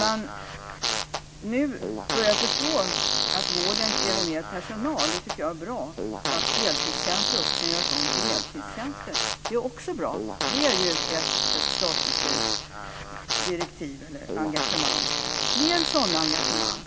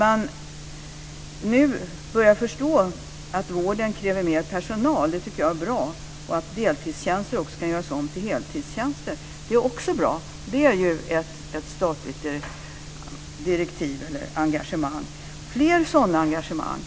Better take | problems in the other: second | background sound (Fart); 3 dB above the speech

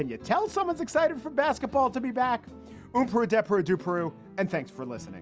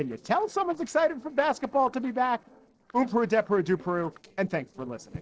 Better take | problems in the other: first | noise reduction (neural separator model SepFormer DNS4)

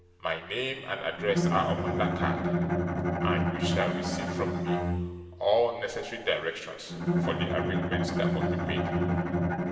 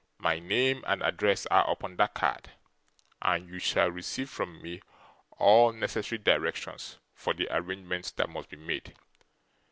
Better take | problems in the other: second | background sound (Bowed string instrument); 3 dB above the speech // room echo; dies away in 2.4 s

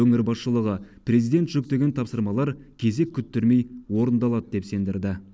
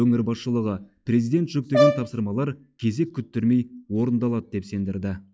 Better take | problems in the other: first | noise reduction (classical method log-MMSE)

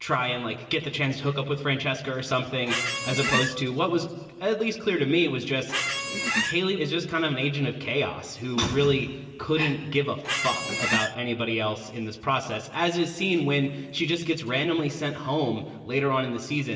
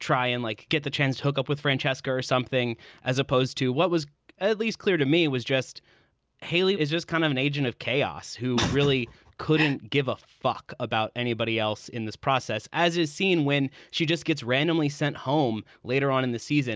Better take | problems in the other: second | background sound (Squeak); 1 dB below the speech // room echo; dies away in 2.3 s

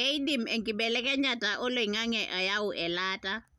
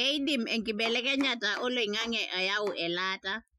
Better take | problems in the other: first | noise reduction (classical method Wiener filter)

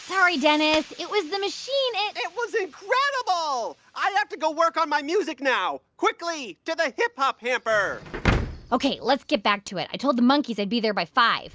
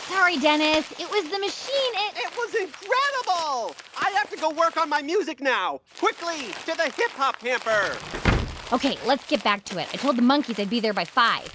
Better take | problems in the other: first | background sound (Crumpling, crinkling); 16 dB below the speech

